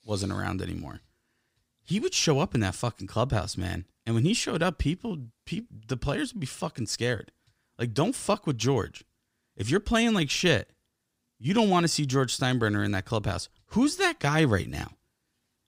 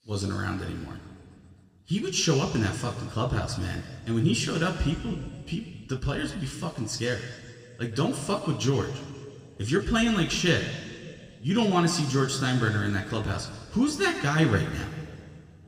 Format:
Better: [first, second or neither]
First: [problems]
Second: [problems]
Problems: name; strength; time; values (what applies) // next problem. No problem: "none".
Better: first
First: none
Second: room echo; slight; dies away in 1.9 s